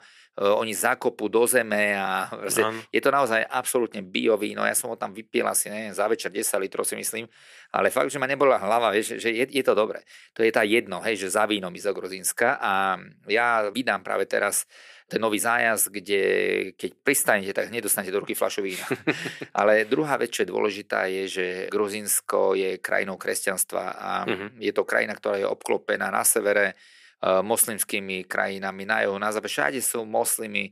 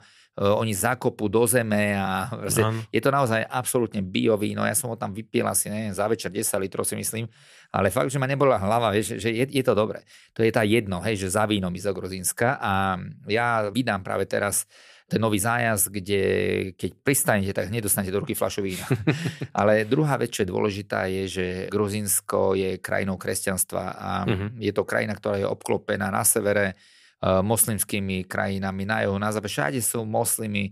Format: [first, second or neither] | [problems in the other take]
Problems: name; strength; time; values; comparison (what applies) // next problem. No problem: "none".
second | thin; somewhat; fading below 350 Hz